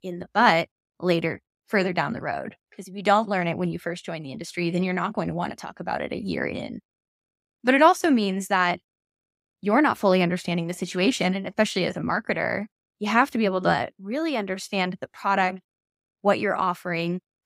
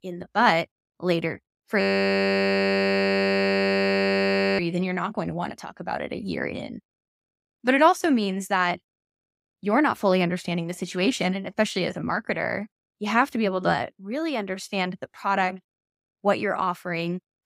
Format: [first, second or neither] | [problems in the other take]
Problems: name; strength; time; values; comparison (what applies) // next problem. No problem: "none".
first | audio freezing; at 2 s for 3 s